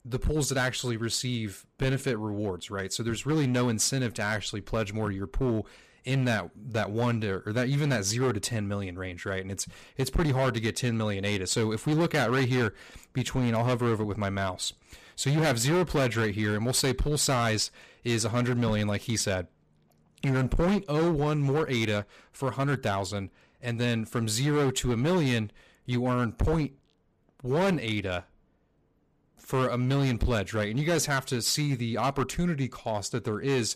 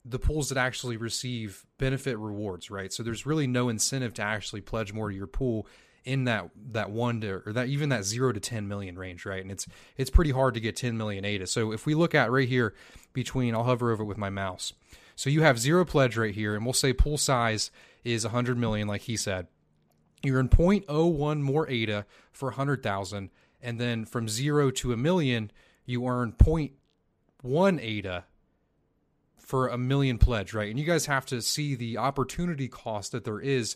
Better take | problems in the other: second | distortion; heavy; 10% of the sound clipped

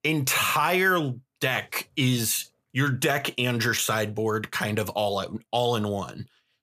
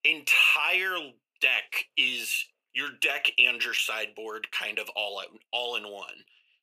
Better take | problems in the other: first | thin; very; fading below 350 Hz

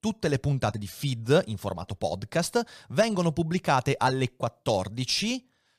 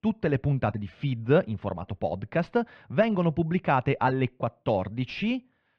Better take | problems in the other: first | muffled; very; fading above 2.5 kHz

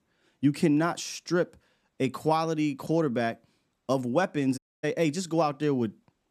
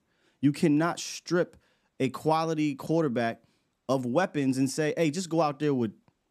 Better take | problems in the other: second | audio cutting out; at 4.5 s

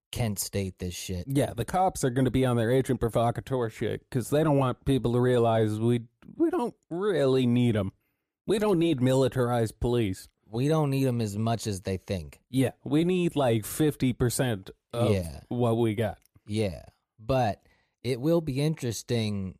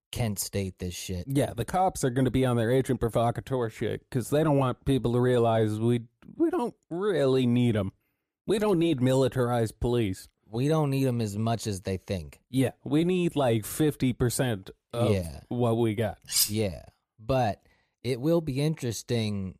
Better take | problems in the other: first | clattering dishes; loud; at 16 s; peak 3 dB above the speech

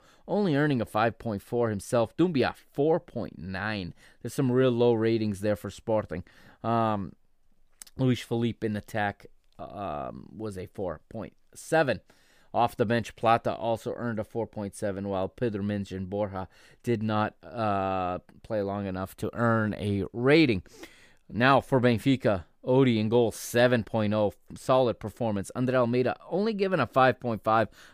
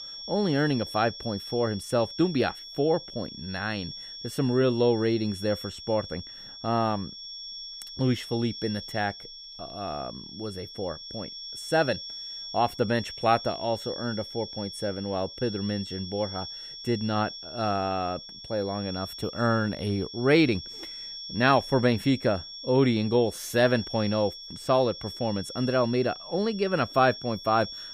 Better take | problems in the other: first | high-pitched whine; noticeable; throughout; 5.5 kHz, 10 dB below the speech

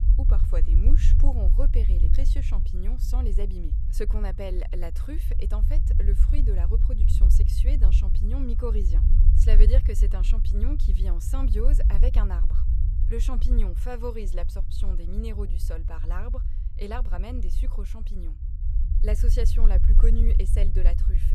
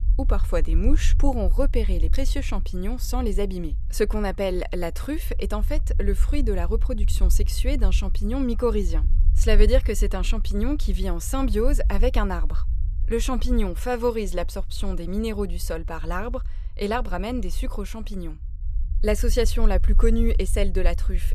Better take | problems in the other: second | low rumble; loud; throughout; 6 dB below the speech; faint in the second

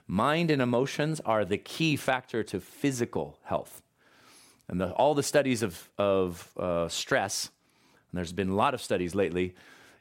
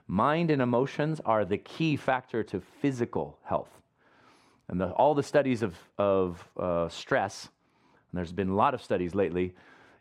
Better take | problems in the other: first | muffled; slightly; fading above 1.5 kHz

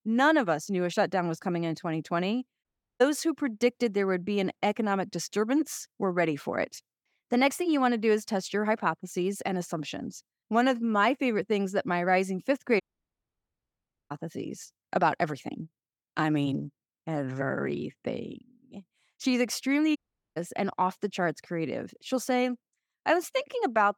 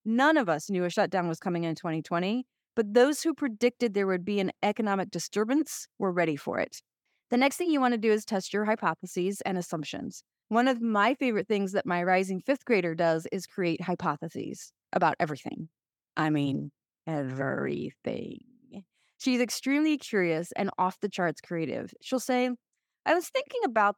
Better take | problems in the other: second | audio cutting out; at 2.5 s, at 13 s for 1.5 s and at 20 s

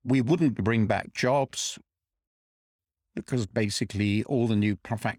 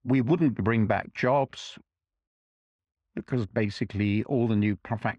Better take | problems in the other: first | muffled; slightly; fading above 3 kHz

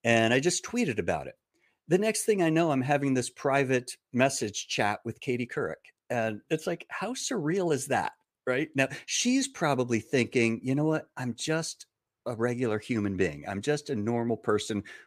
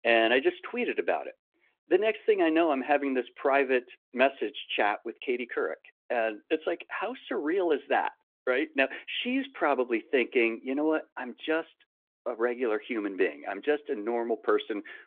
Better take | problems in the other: first | phone-call audio

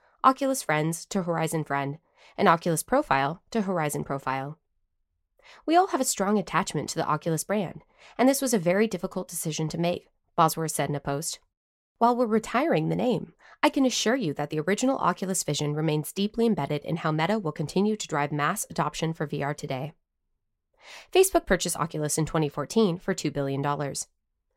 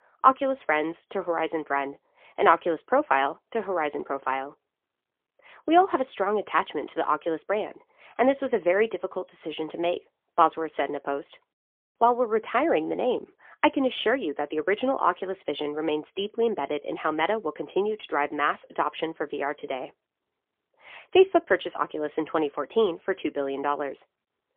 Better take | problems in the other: first | phone-call audio; poor line; nothing above 3.5 kHz

